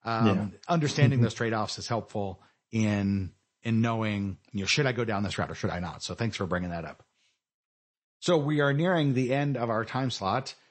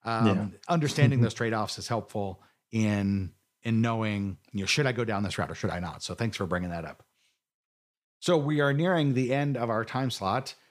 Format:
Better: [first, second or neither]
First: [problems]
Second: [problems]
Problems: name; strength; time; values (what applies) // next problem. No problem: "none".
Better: second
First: garbled, watery; slightly; nothing above 8 kHz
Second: none